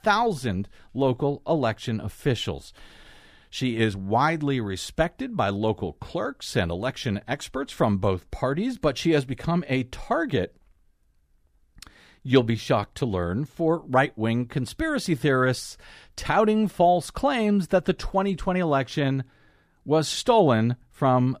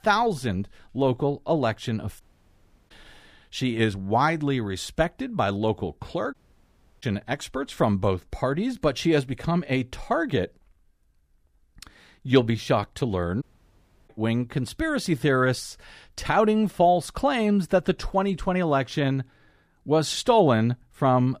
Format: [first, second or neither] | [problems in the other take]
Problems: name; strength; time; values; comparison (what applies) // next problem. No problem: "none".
first | audio cutting out; at 2 s for 0.5 s, at 6.5 s for 0.5 s and at 13 s for 0.5 s